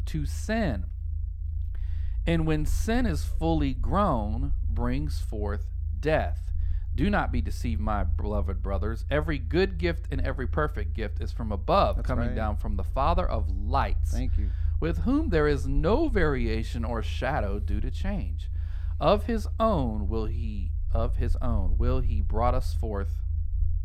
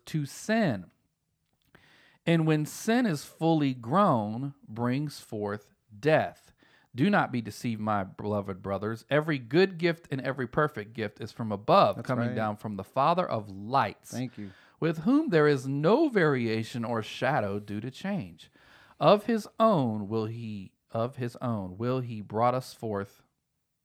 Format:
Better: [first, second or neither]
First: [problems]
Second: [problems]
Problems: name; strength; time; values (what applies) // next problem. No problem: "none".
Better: second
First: low rumble; faint; throughout; 20 dB below the speech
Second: none